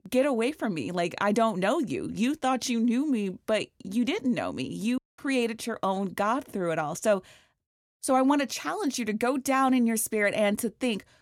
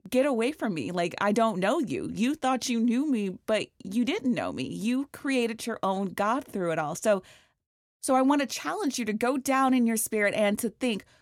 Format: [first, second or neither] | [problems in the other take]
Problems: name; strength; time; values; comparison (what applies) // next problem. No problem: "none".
second | audio cutting out; at 5 s